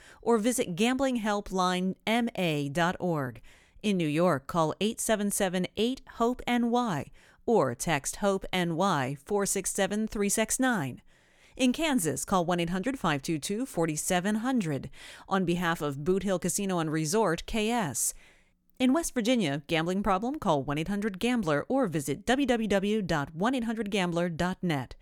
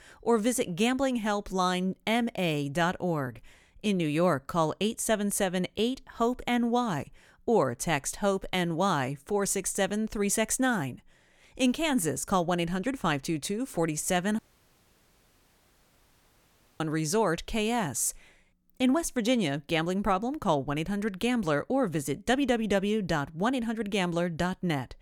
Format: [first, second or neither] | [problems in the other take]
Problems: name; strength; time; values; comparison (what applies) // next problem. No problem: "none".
first | audio cutting out; at 14 s for 2.5 s